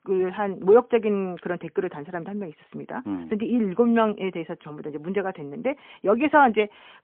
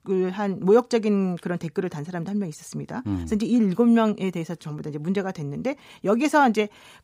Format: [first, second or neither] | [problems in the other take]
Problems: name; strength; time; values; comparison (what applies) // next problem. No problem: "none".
second | phone-call audio; poor line